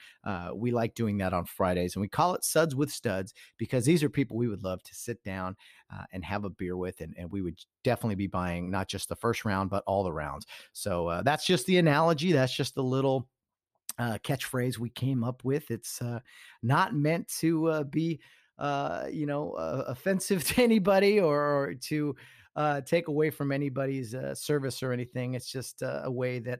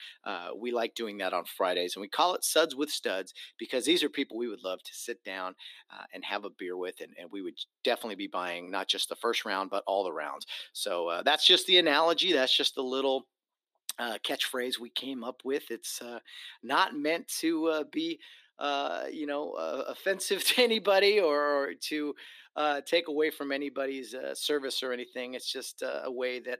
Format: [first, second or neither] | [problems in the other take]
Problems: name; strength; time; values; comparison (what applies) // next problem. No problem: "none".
first | thin; somewhat; fading below 300 Hz